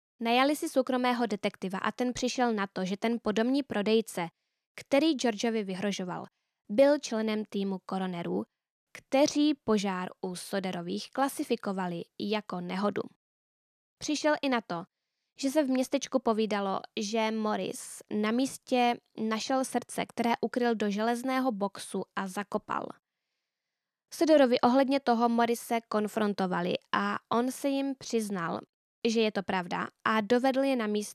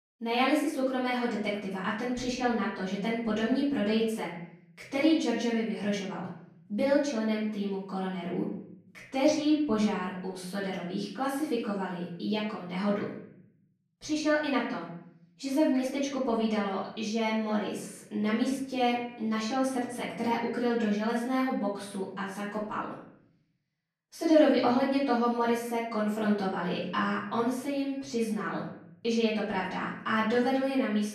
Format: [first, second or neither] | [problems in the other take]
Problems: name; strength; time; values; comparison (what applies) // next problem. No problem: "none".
first | off-mic speech; far // room echo; noticeable; dies away in 0.8 s